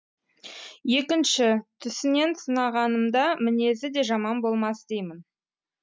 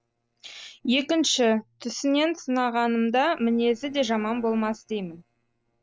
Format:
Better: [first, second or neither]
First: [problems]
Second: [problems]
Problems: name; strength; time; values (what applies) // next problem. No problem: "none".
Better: first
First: none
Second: noise reduction (neural separator model SepFormer DNS4)